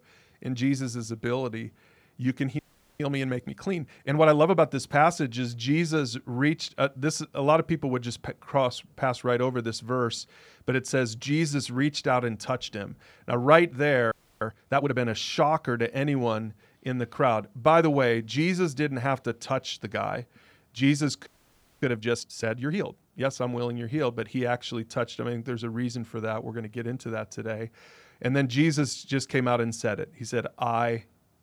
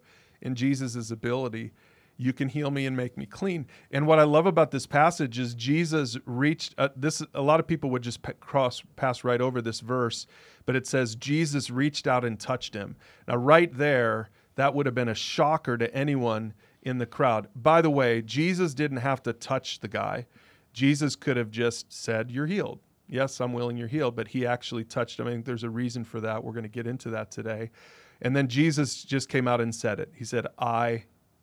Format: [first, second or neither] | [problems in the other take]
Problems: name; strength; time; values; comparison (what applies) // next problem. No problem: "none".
second | audio freezing; at 2.5 s, at 14 s and at 21 s for 0.5 s